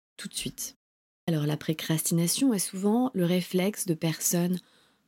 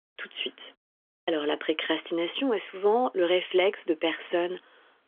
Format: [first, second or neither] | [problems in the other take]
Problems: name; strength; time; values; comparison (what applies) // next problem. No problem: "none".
first | phone-call audio; nothing above 3.5 kHz